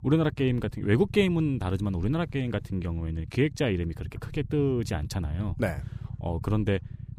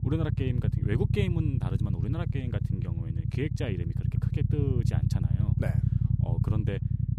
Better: first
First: low rumble; faint; throughout; 20 dB below the speech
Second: low rumble; loud; throughout; 1 dB below the speech

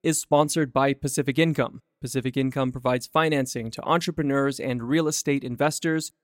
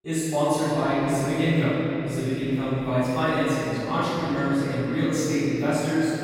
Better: first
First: none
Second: off-mic speech; far // room echo; strong; dies away in 3 s

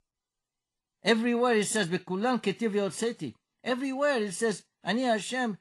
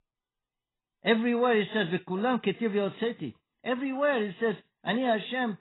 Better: first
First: garbled, watery; slightly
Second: garbled, watery; badly; nothing above 4 kHz

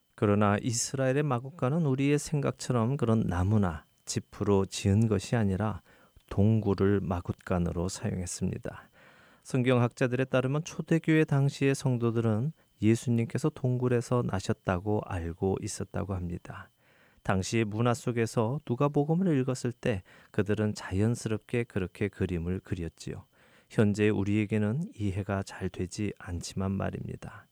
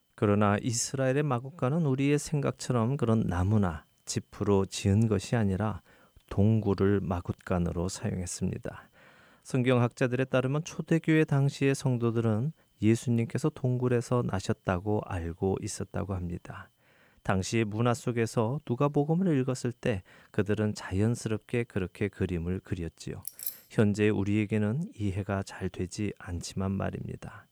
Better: first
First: none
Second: jangling keys; noticeable; at 23 s; peak 6 dB below the speech

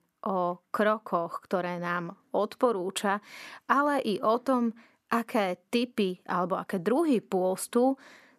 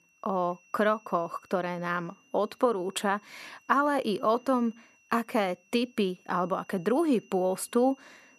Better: first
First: none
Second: high-pitched whine; faint; throughout; 2.5 kHz, 30 dB below the speech

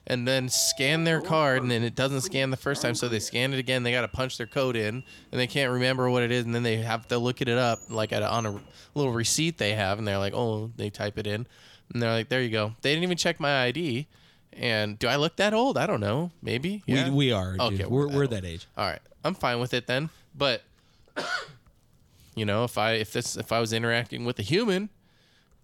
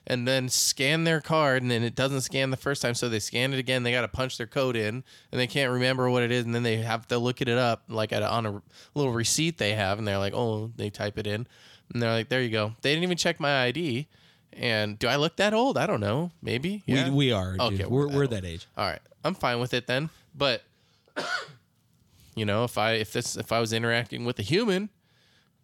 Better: second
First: household noises; noticeable; throughout; 20 dB below the speech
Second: none

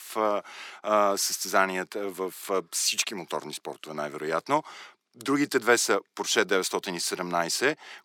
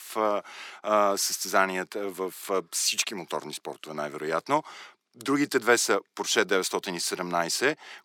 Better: neither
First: thin; somewhat; fading below 350 Hz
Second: thin; somewhat; fading below 350 Hz

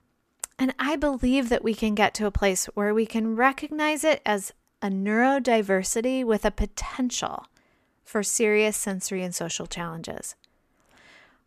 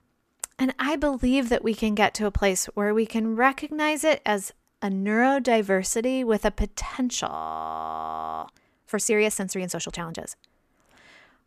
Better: first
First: none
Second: audio freezing; at 7.5 s for 1 s

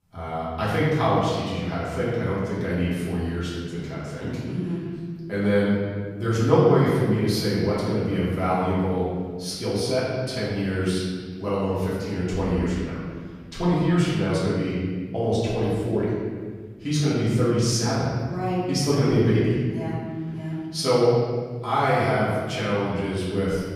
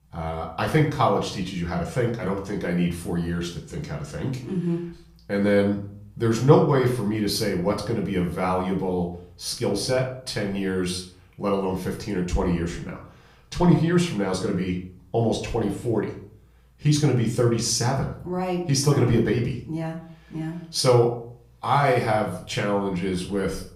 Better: second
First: room echo; strong; dies away in 1.7 s // off-mic speech; far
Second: room echo; slight; dies away in 0.4 s // off-mic speech; far

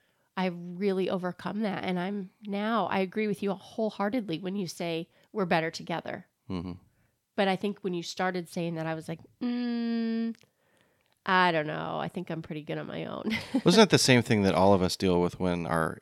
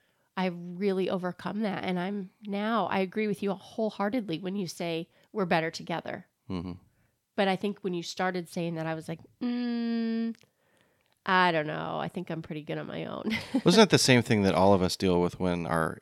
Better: neither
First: none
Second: none

